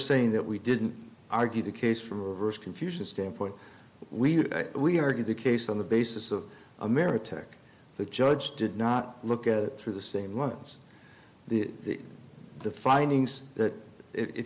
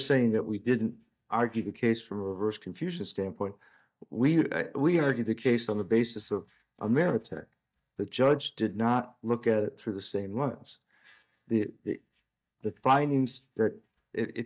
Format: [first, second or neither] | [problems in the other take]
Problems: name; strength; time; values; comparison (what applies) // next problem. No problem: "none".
first | noise reduction (neural mask model DeepFilterNet 3)